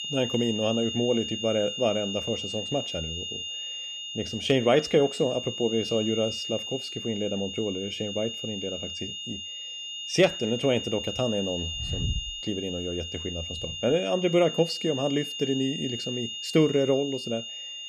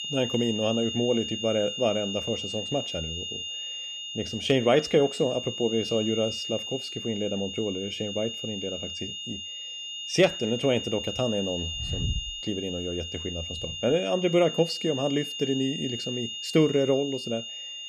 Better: neither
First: high-pitched whine; loud; throughout; 3 kHz, 5 dB below the speech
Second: high-pitched whine; loud; throughout; 3 kHz, 5 dB below the speech

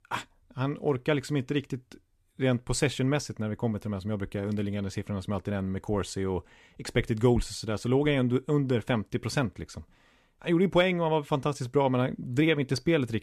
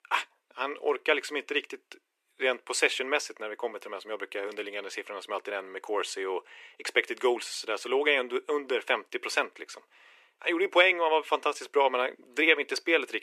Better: first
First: none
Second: thin; very; fading below 350 Hz

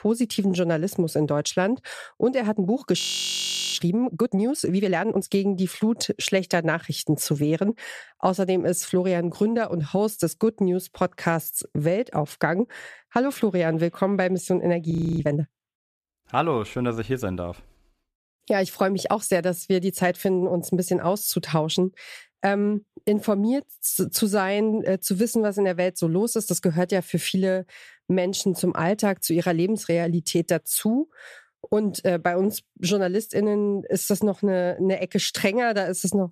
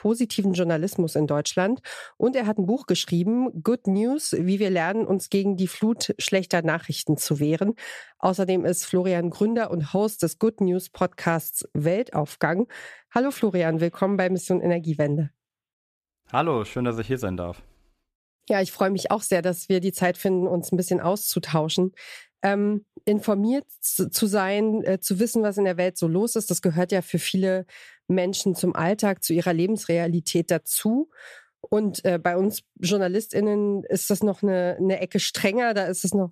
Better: second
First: audio freezing; at 3 s for 1 s and at 15 s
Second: none

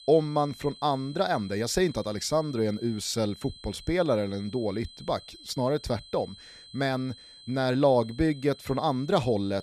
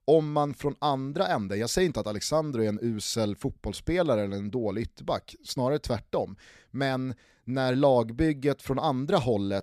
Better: second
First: high-pitched whine; noticeable; throughout; 4 kHz, 20 dB below the speech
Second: none

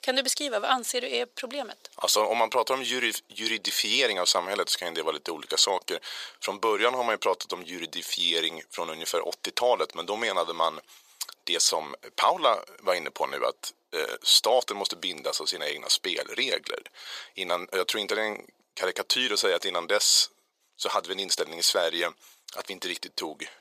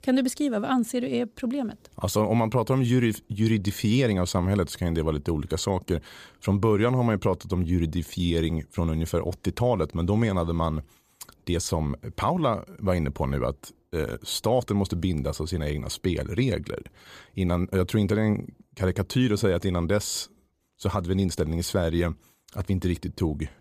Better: second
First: thin; very; fading below 550 Hz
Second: none

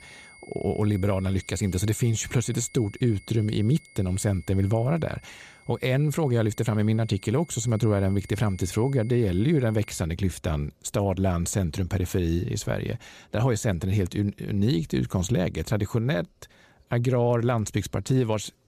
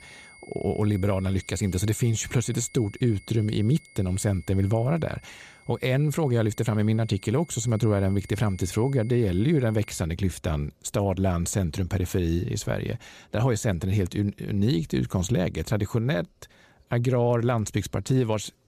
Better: neither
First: high-pitched whine; faint; until 10 s; 2 kHz, 25 dB below the speech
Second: high-pitched whine; faint; until 10 s; 2 kHz, 25 dB below the speech

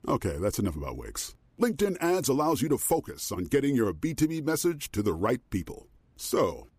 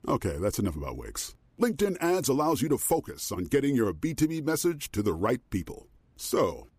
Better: neither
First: none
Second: none

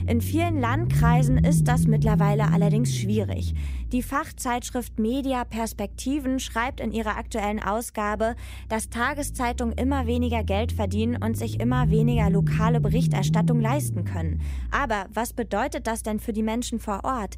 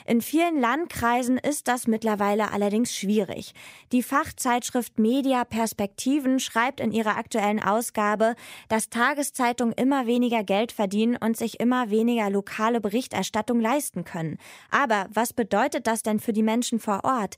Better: second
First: low rumble; loud; throughout; 7 dB below the speech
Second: none

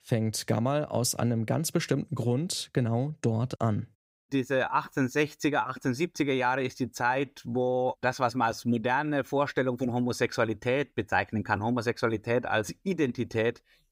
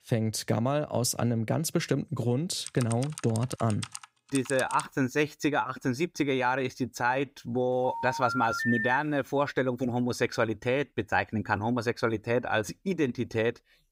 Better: first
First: none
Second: keyboard typing; noticeable; from 2.5 to 5 s; peak 9 dB below the speech // phone ringing; noticeable; from 8 to 9 s; peak level with the speech

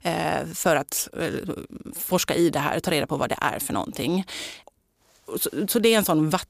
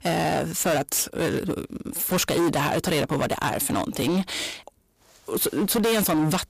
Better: first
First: none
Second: distortion; heavy; 16% of the sound clipped

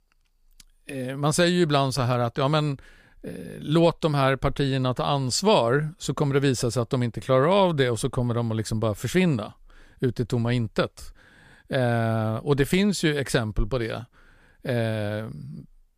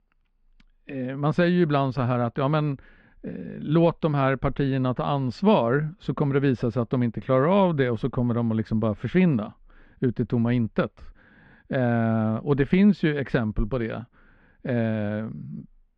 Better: first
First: none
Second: muffled; very; fading above 2.5 kHz

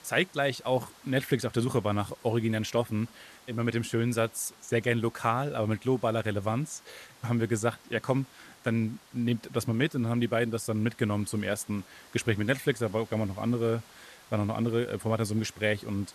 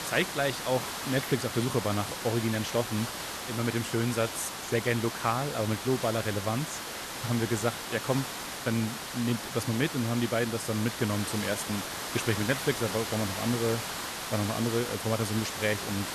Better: first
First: hiss; faint; throughout; 25 dB below the speech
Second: hiss; loud; throughout; 4 dB below the speech

